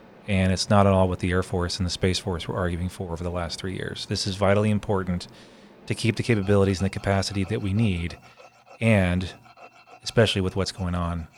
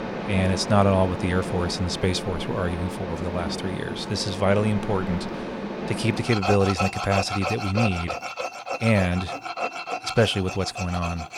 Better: first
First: machinery noise; faint; throughout; 25 dB below the speech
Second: machinery noise; loud; throughout; 5 dB below the speech

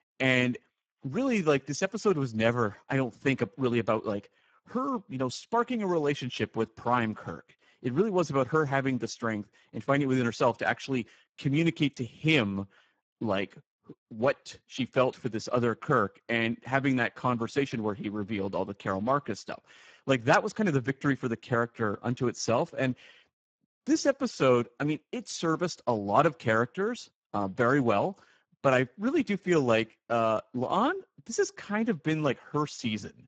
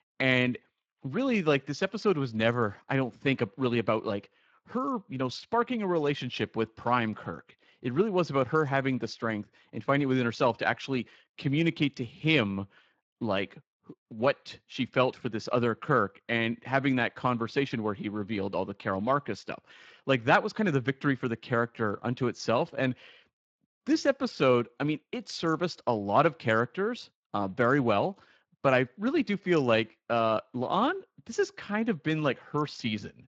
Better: second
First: garbled, watery; badly; nothing above 7.5 kHz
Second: garbled, watery; slightly

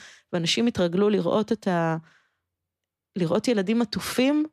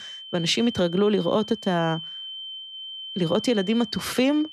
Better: first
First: none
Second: high-pitched whine; noticeable; throughout; 3 kHz, 10 dB below the speech

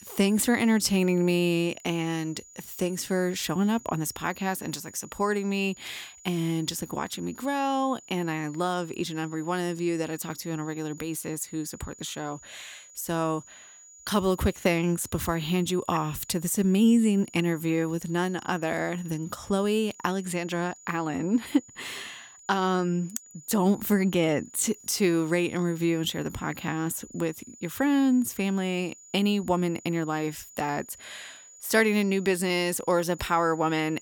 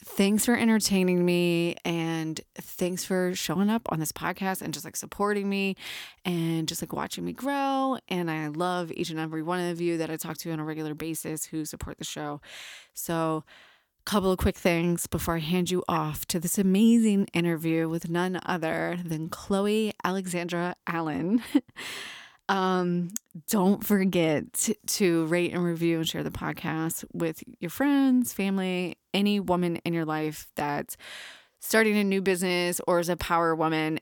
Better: second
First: high-pitched whine; faint; throughout; 7 kHz, 20 dB below the speech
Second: none

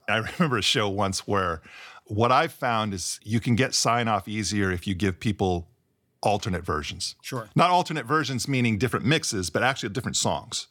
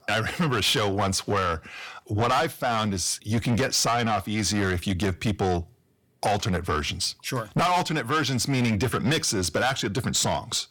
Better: first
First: none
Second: distortion; heavy; 7 dB below the speech

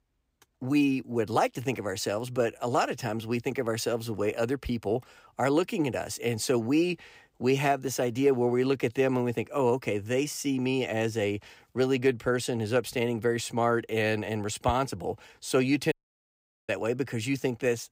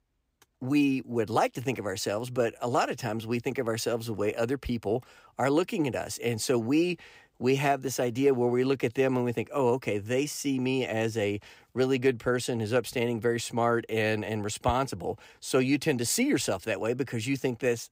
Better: second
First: audio cutting out; at 16 s for 1 s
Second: none

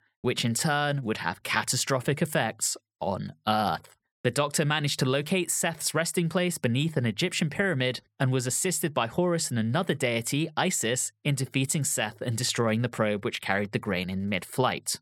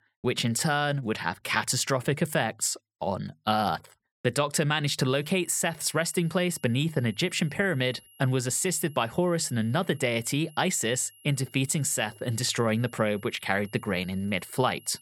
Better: first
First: none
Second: high-pitched whine; faint; from 5 s on; 11 kHz, 25 dB below the speech

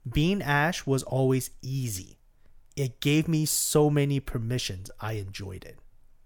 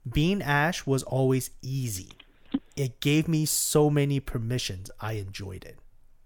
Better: first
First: none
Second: phone ringing; noticeable; at 2.5 s; peak 8 dB below the speech

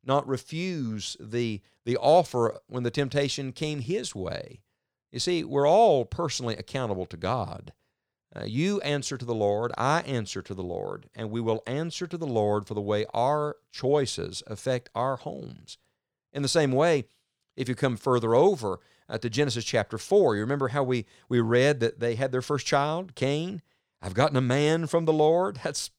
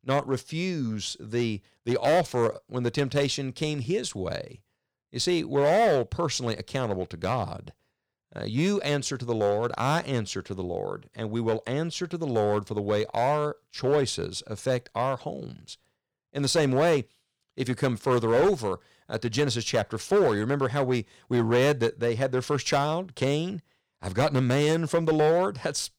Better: first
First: none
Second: distortion; slight; 4% of the sound clipped

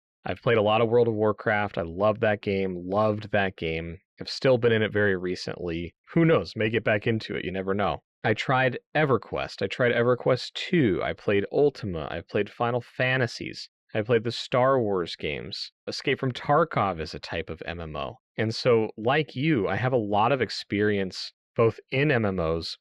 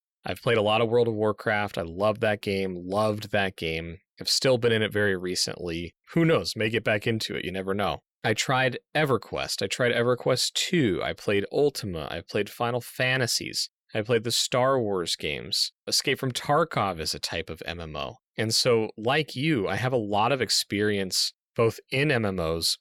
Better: second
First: muffled; slightly; fading above 2.5 kHz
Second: none

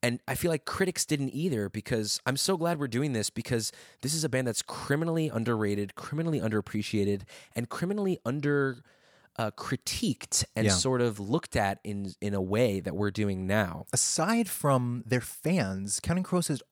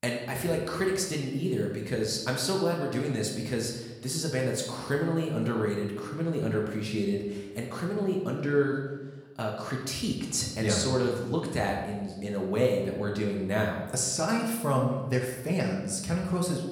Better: first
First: none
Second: room echo; noticeable; dies away in 1 s // off-mic speech; somewhat distant

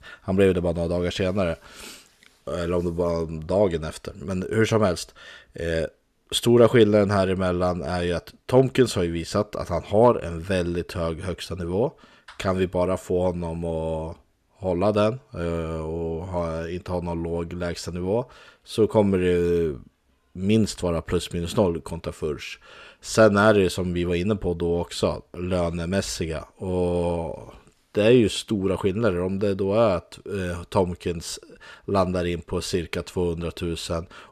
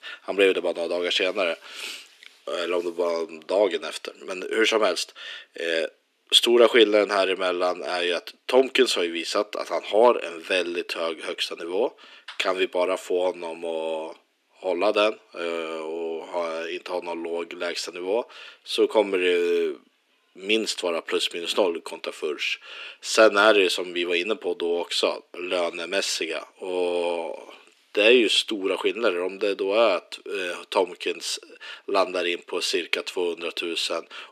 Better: first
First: none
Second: thin; somewhat; fading below 300 Hz

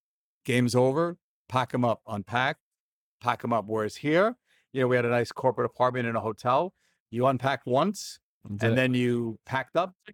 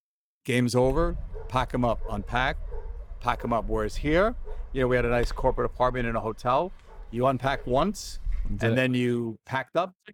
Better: first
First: none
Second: dog barking; noticeable; from 1 to 8.5 s; peak 9 dB below the speech

